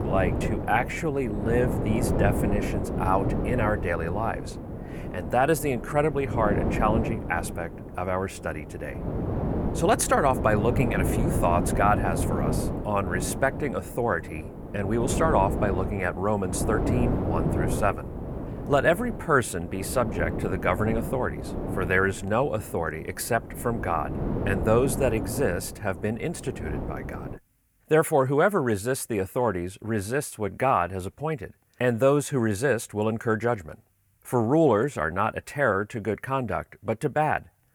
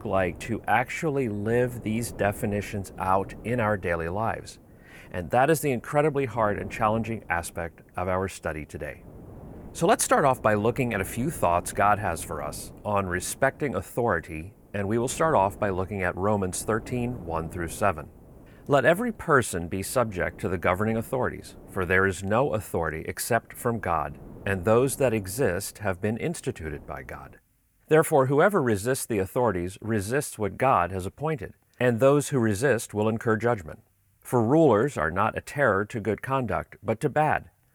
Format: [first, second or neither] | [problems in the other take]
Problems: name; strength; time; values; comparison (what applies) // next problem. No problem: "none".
second | wind noise on the microphone; heavy; until 27 s; 8 dB below the speech; occasional gusts in the second